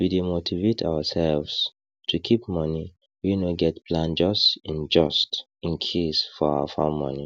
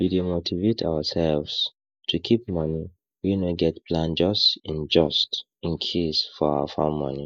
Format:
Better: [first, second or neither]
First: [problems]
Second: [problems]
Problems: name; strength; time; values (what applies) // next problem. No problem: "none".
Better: first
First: none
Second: noise reduction (neural mask model Resemble Enhance denoiser)